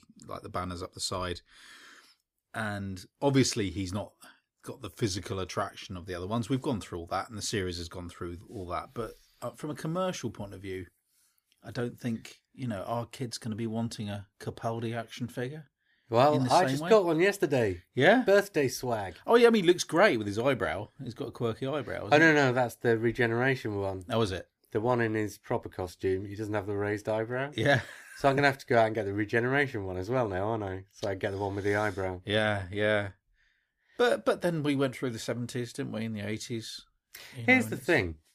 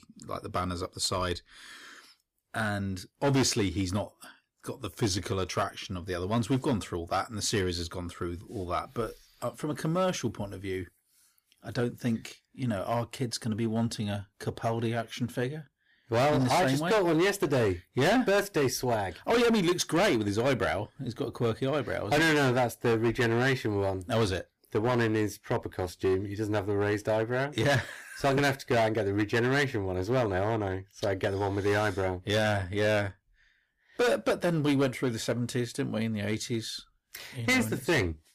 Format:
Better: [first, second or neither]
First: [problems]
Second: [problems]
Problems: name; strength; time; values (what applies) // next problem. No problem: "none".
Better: first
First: none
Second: distortion; heavy; 8% of the sound clipped